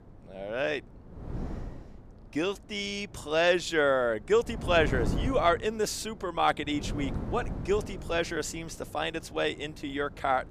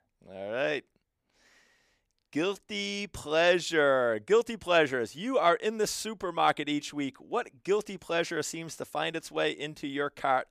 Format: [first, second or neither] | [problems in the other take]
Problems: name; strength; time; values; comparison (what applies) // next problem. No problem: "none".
second | wind noise on the microphone; occasional gusts; 15 dB below the speech